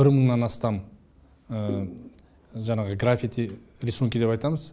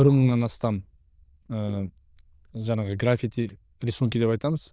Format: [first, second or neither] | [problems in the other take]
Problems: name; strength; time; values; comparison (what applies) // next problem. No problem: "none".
first | noise reduction (neural diffusion model UNIVERSE++)